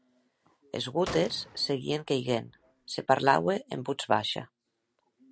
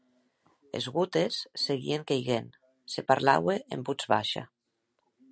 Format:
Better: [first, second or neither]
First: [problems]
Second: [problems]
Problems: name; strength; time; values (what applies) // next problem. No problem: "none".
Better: second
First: background sound (Gunshot, gunfire); 15 dB below the speech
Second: none